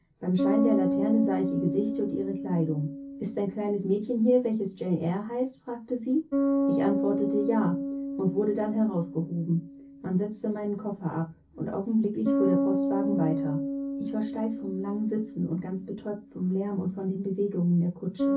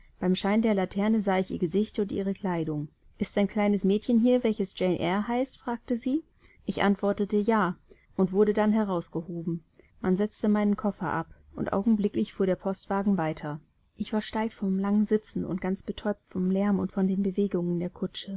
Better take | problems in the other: second | background sound (Bass guitar); 3 dB below the speech // room echo; dies away in 0.3 s

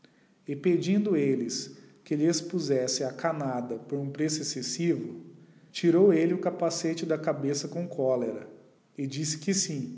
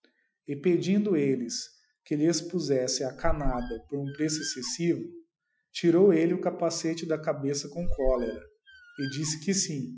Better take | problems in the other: first | noise reduction (classical method Wiener filter)

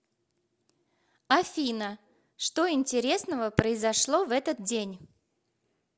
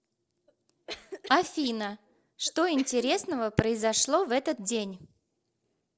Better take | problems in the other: first | noise reduction (neural separator model SepFormer DNS4)

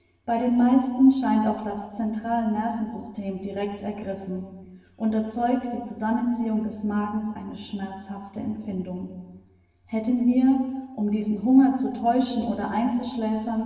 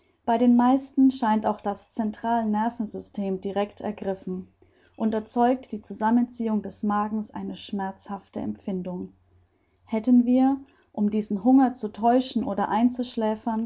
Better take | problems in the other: second | room echo; dies away in 1.3 s

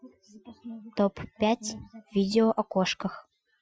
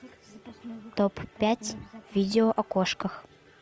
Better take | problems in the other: second | noise reduction (classical method Wiener filter)

